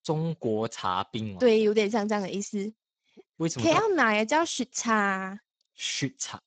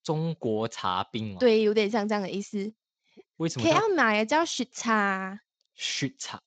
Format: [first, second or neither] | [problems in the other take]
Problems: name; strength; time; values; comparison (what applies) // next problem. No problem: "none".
second | garbled, watery; badly; nothing above 7.5 kHz; slightly in the second